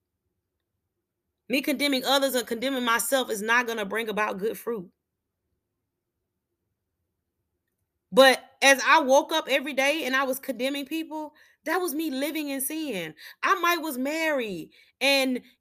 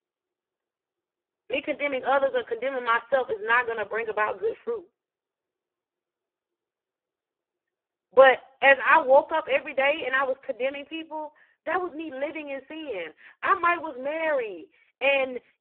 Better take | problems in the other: first | phone-call audio; poor line

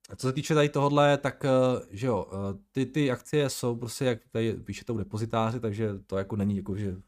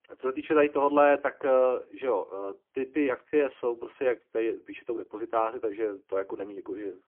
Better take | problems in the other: first | phone-call audio; poor line

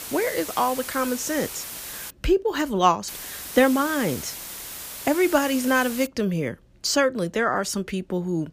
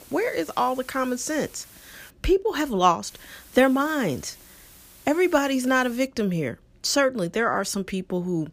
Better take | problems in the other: second | hiss; loud; until 2 s and from 3 to 6 s; 10 dB below the speech; faint in the second

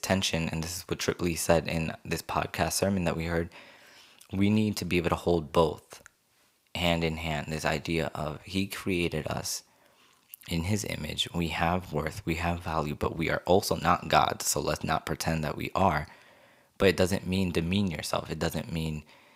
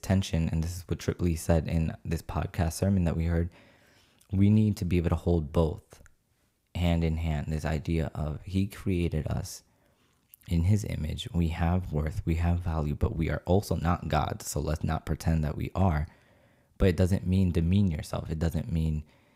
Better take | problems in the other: second | thin; somewhat; fading below 1 kHz

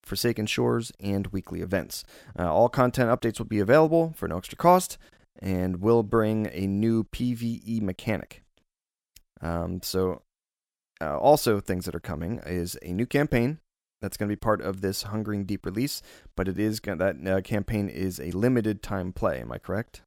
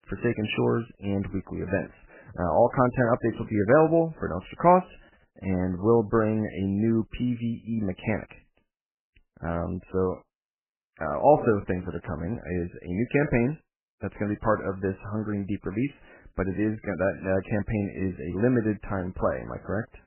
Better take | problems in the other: first | garbled, watery; badly; nothing above 3 kHz

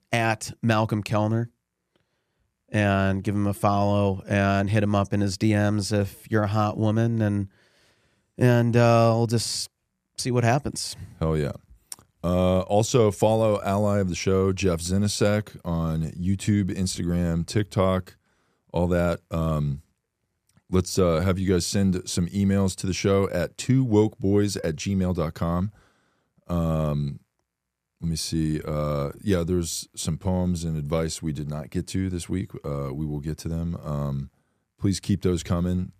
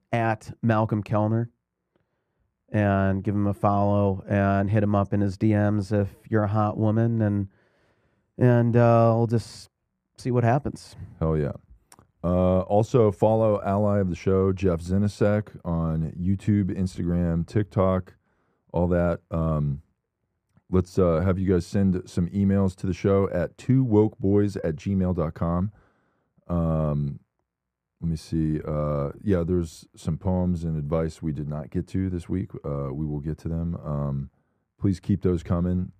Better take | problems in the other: first | muffled; very; fading above 2.5 kHz

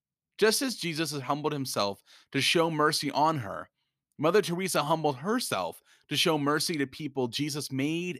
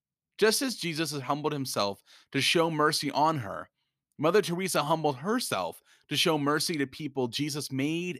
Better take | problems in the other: neither | none

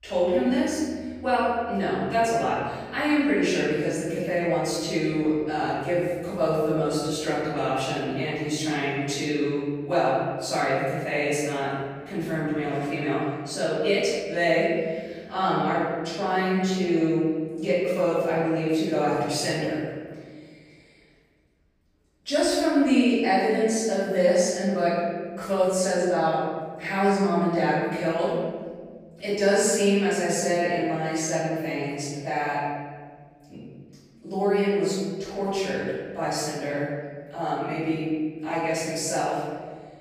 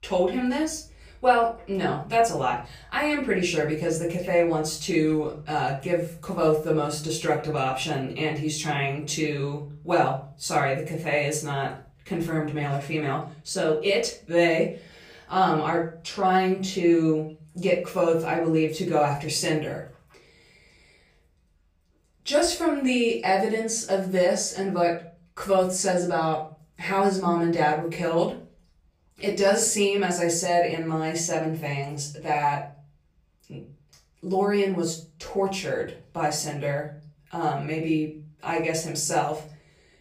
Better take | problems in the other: second | room echo; strong; dies away in 1.6 s; slight in the second // off-mic speech; far; far in the second

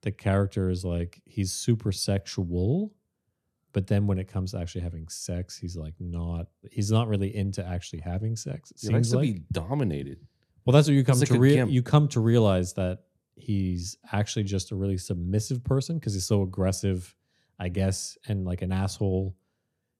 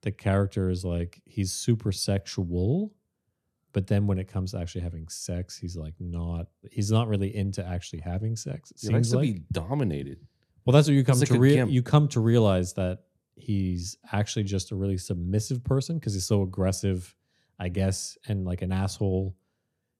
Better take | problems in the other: neither | none

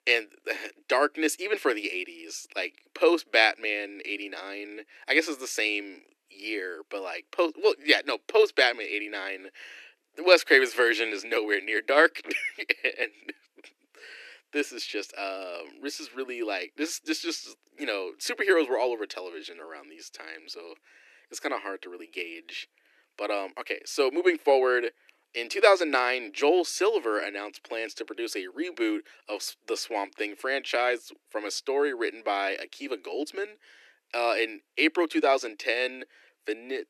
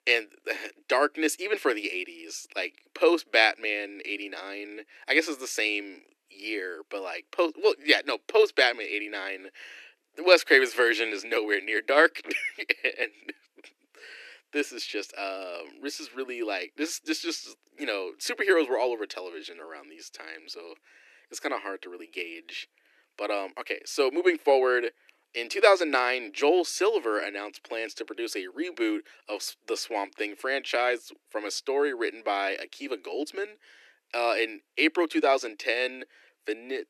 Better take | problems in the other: neither | thin; very; fading below 300 Hz; the same in both

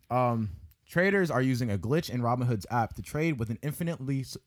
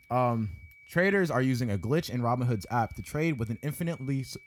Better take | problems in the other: first | high-pitched whine; faint; throughout; 2.5 kHz, 25 dB below the speech

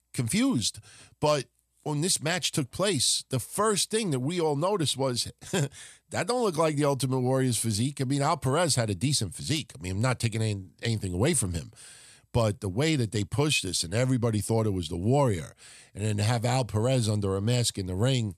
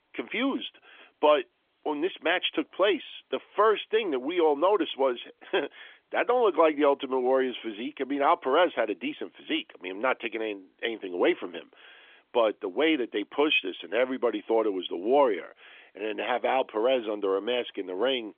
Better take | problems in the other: first | phone-call audio; nothing above 3.5 kHz

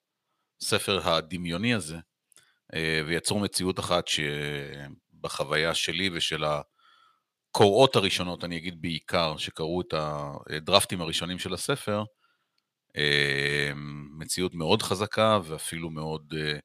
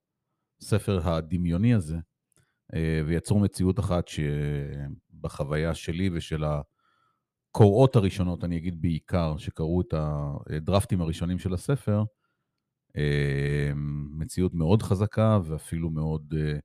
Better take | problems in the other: second | thin; somewhat; fading below 1 kHz

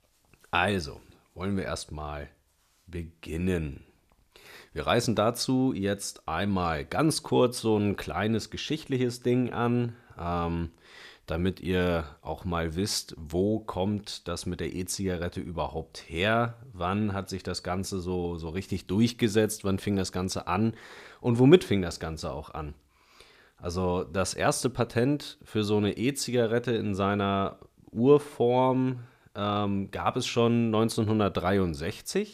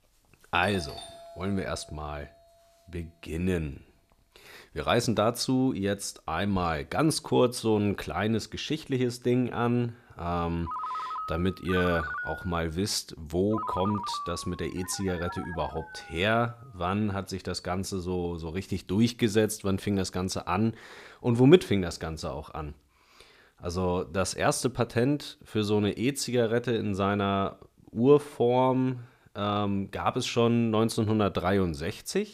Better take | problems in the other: first | doorbell; faint; from 0.5 to 6.5 s; peak 15 dB below the speech // phone ringing; noticeable; from 11 to 17 s; peak 5 dB below the speech

